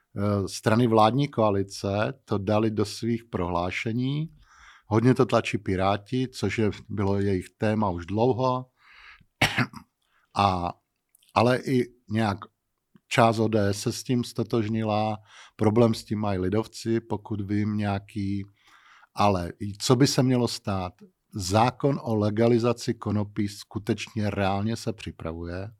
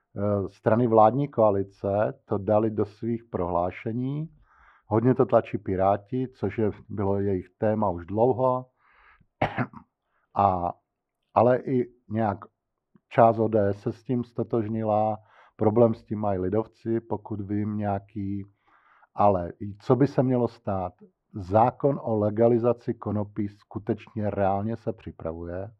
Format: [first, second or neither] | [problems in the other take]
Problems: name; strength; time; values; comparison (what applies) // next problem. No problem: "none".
first | muffled; very; fading above 3.5 kHz